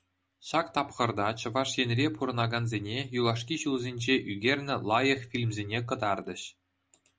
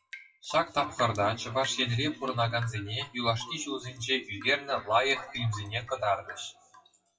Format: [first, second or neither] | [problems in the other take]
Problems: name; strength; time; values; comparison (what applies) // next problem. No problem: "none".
first | noise reduction (classical method WPE with log-MMSE)